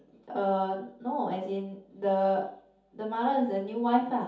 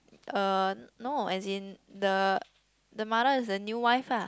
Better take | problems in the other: second | room echo; dies away in 0.6 s

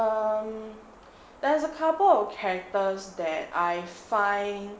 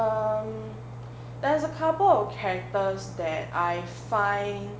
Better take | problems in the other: first | background sound (Engine); 12 dB below the speech

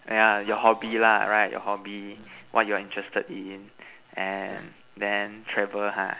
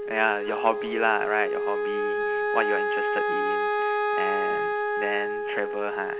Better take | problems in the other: first | background sound (Wind instrument, woodwind instrument); 3 dB above the speech

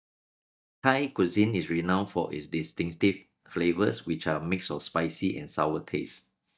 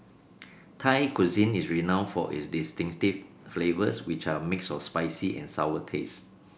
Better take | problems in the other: second | noise reduction (neural mask model DeepFilterNet 3)

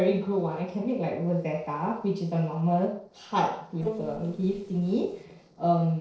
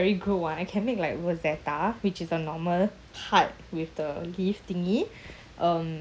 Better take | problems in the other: second | noise reduction (neural separator model SepFormer DNS4)

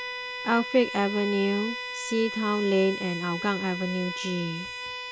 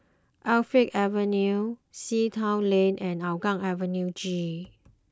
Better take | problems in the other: second | background sound (Bowed string instrument); 8 dB below the speech

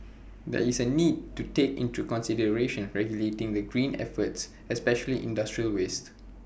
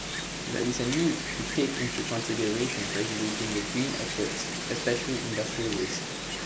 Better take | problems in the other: first | background sound (Wind); 2 dB below the speech

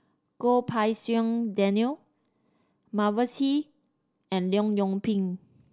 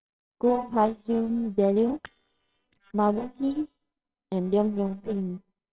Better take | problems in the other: first | noise reduction (neural separator model SepFormer WHAMR!)

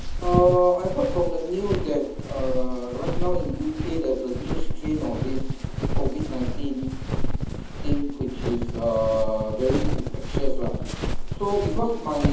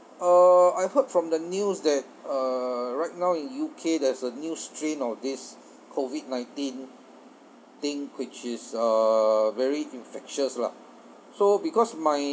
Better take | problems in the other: second | background sound (Walk, footsteps); 1 dB above the speech // room echo; dies away in 0.8 s

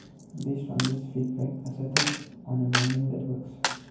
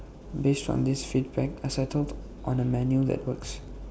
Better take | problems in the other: second | background sound (Coin (dropping)); 4 dB below the speech // room echo; dies away in 0.9 s

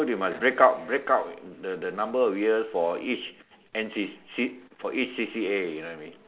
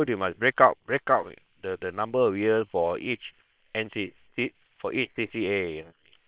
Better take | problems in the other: first | noise reduction (neural separator model SepFormer WHAM!)

